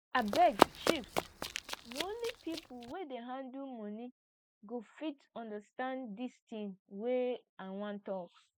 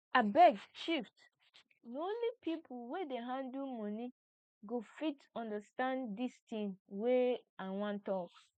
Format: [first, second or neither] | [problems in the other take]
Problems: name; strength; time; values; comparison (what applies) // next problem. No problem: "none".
second | background sound (Run); 3 dB above the speech